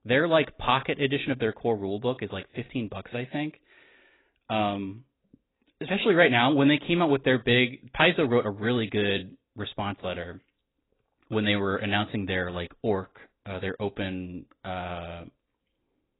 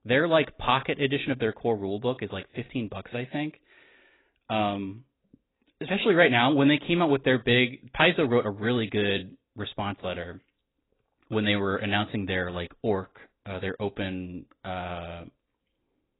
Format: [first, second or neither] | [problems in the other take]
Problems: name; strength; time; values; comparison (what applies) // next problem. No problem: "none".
neither | garbled, watery; badly; nothing above 4 kHz; the same in both